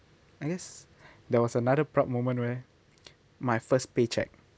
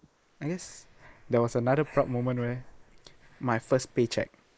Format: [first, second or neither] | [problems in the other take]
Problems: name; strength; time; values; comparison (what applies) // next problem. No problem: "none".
first | noise reduction (neural mask model Resemble Enhance denoiser)